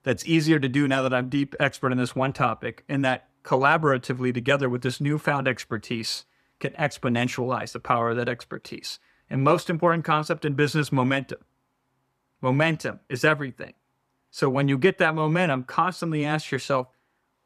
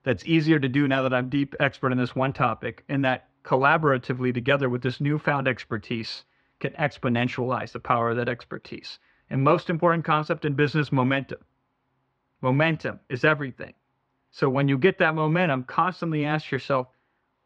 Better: first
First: none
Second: muffled; very slightly; fading above 4 kHz

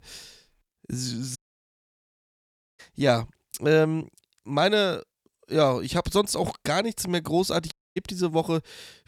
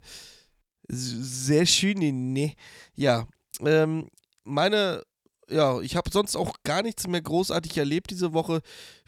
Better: second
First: audio cutting out; at 1.5 s for 1.5 s and at 7.5 s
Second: none

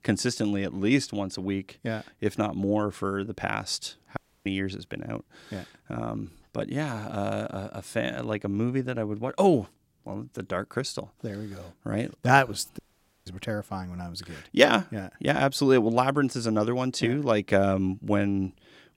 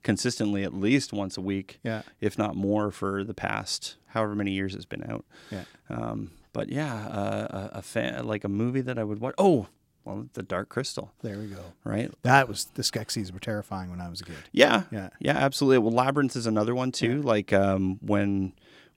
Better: second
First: audio cutting out; at 4 s and at 13 s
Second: none

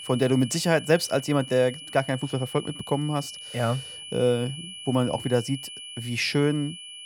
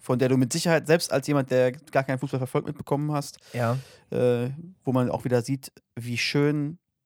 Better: second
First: high-pitched whine; noticeable; throughout; 3 kHz, 10 dB below the speech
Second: none

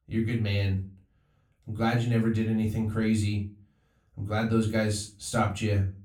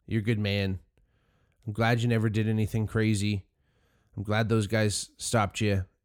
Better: second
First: room echo; slight; dies away in 0.3 s // off-mic speech; far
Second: none

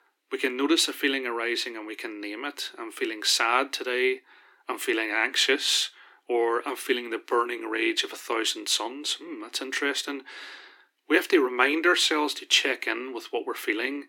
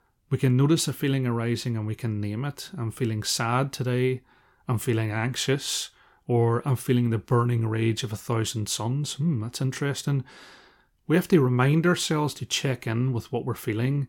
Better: second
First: thin; very; fading below 300 Hz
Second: none

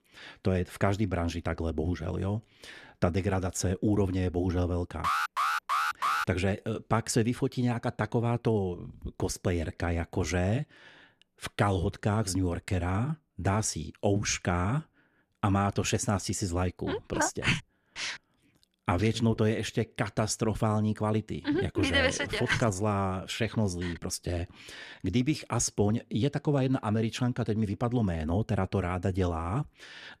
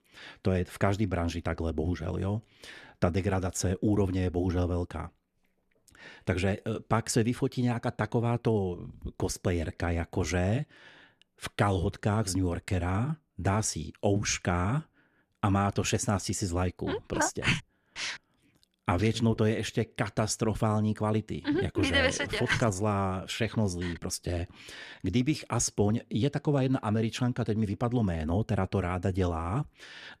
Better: second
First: alarm; loud; from 5 to 6 s; peak 2 dB above the speech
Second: none

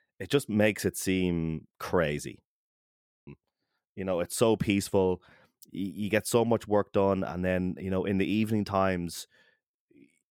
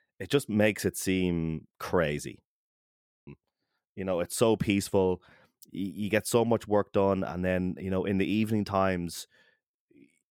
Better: neither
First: audio freezing; at 2.5 s for 0.5 s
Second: audio freezing; at 2.5 s for 0.5 s

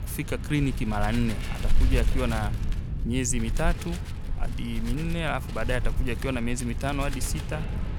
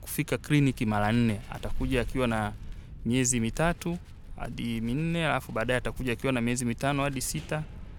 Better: second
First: wind noise on the microphone; heavy; 10 dB below the speech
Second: wind noise on the microphone; occasional gusts; 25 dB below the speech

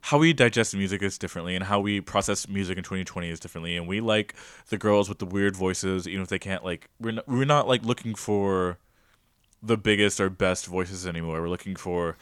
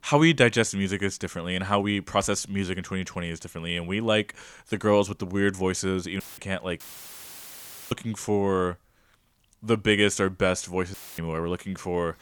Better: first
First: none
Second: audio cutting out; filled with static; at 6 s, at 7 s for 1 s and at 11 s

